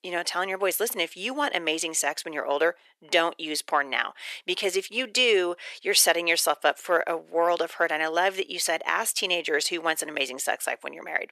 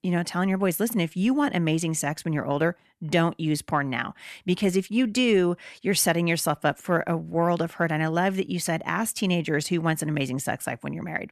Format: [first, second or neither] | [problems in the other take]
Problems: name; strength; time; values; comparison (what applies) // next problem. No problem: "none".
second | thin; very; fading below 450 Hz